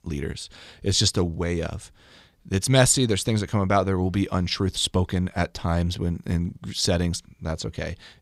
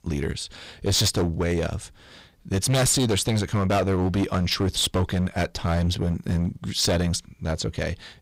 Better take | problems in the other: first | distortion; heavy; 12% of the sound clipped

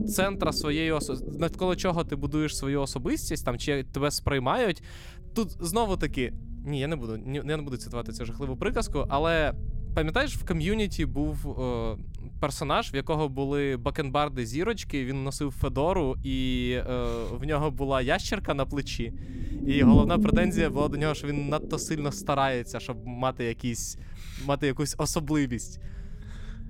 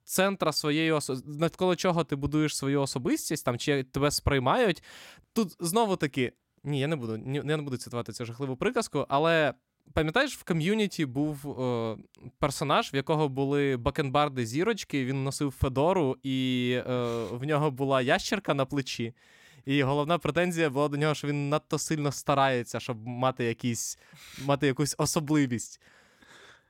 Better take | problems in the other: second | low rumble; loud; throughout; 7 dB below the speech

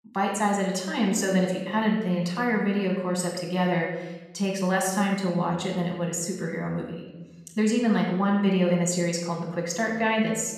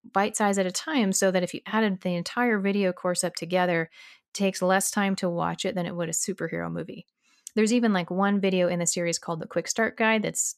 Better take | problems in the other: second | off-mic speech; somewhat distant // room echo; noticeable; dies away in 1.1 s

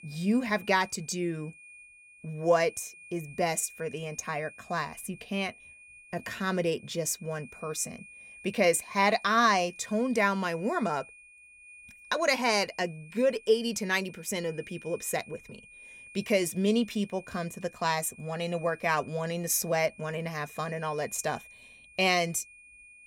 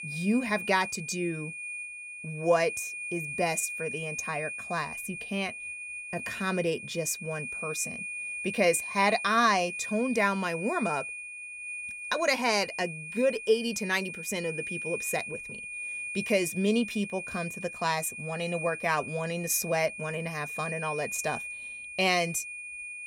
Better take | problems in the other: first | high-pitched whine; loud; throughout; 2.5 kHz, 7 dB below the speech; faint in the first

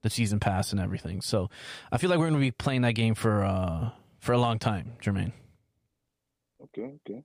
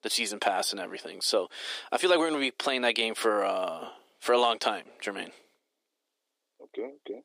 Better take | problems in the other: first | thin; very; fading below 300 Hz

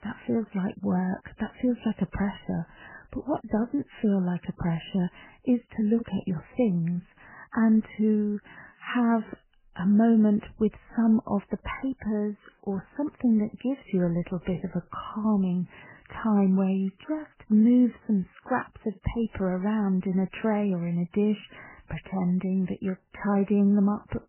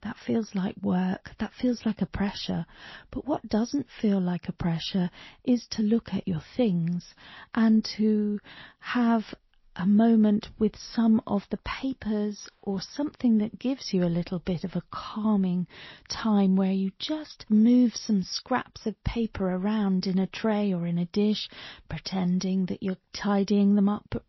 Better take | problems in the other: second | garbled, watery; badly; nothing above 3 kHz; slightly in the second

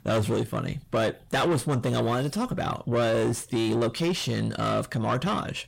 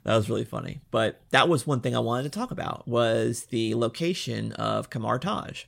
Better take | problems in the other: second | distortion; heavy; 7 dB below the speech

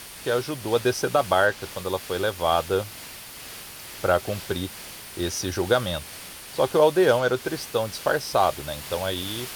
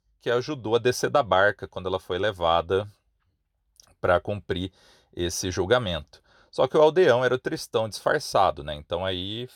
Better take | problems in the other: second | hiss; noticeable; throughout; 15 dB below the speech

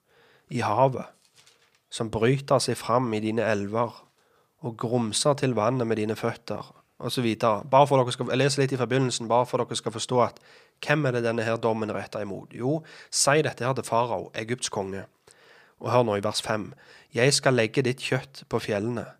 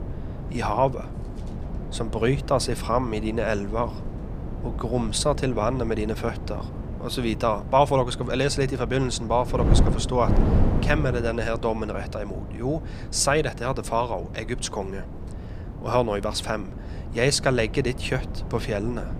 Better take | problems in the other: first | wind noise on the microphone; occasional gusts; 15 dB below the speech

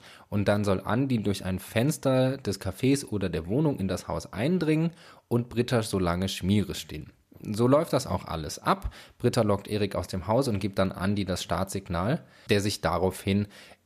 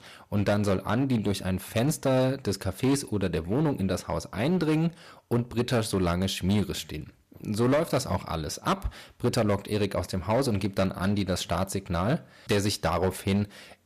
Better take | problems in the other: first | distortion; slight; 7% of the sound clipped

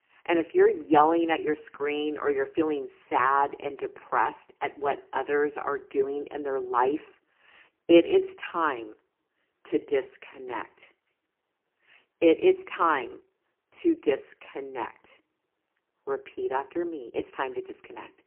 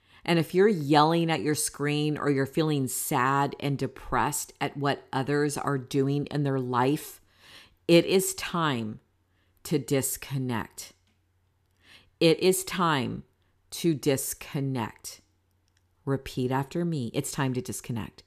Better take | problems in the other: second | phone-call audio; poor line; nothing above 3 kHz

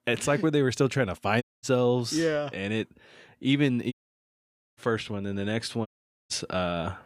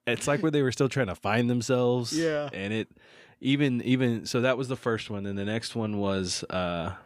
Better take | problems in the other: second | audio cutting out; at 1.5 s, at 4 s for 1 s and at 6 s

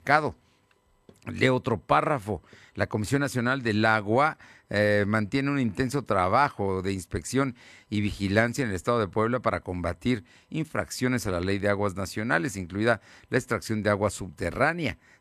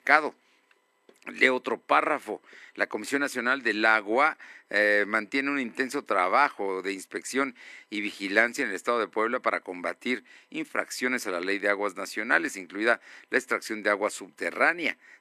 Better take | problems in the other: first | thin; somewhat; fading below 300 Hz

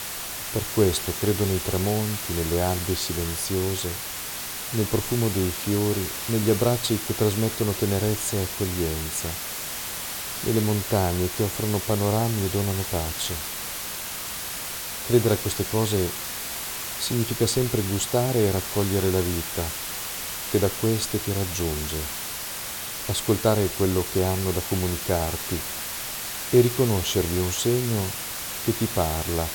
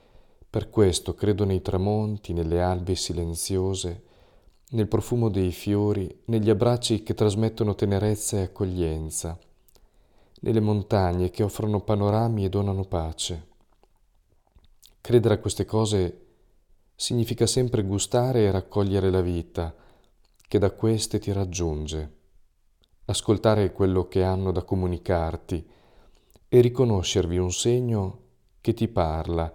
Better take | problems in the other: second | hiss; loud; throughout; 4 dB below the speech

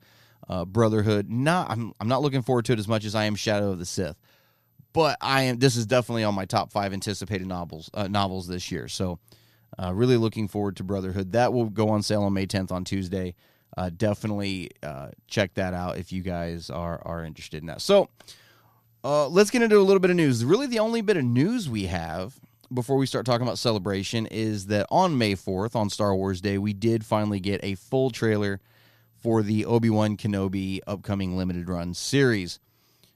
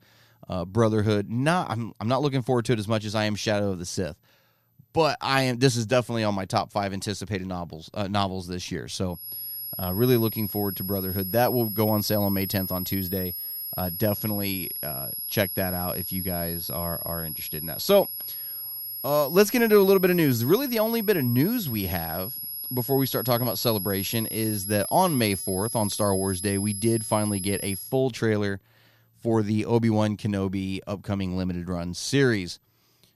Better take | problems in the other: first | high-pitched whine; loud; from 9 to 28 s; 11.5 kHz, 5 dB below the speech

